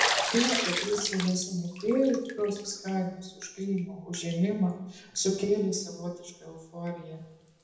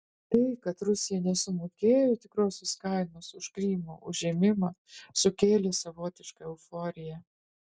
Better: second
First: background sound (Bathtub (filling or washing)); 5 dB below the speech // room echo; dies away in 0.8 s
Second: none

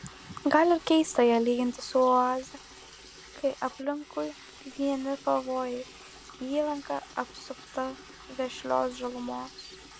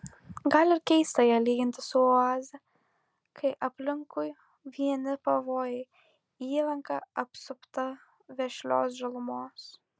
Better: second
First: background sound (Liquid); 19 dB below the speech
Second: none

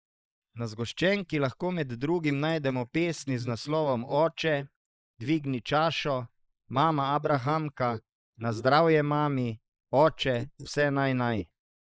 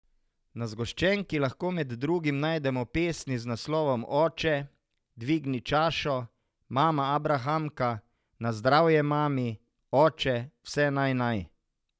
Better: second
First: noise reduction (neural mask model Resemble Enhance denoiser)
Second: none

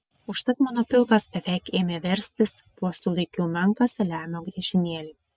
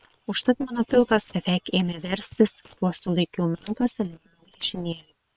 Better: first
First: none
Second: noise reduction (neural separator model SepFormer WHAM!)

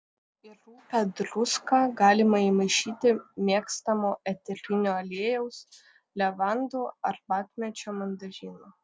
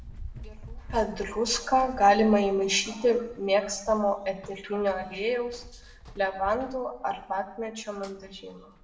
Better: first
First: none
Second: background sound (Run); 17 dB below the speech // room echo; dies away in 0.6 s

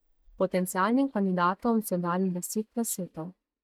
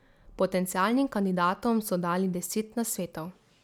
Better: second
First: noise reduction (neural mask model DeepFilterNet 3)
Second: none

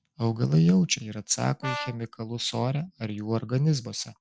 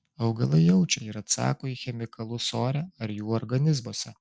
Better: second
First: background sound (Brass instrument); 11 dB below the speech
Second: none

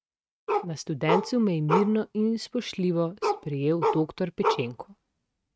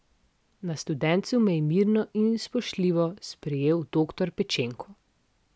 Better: second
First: noise reduction (neural mask model RNNoise)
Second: none

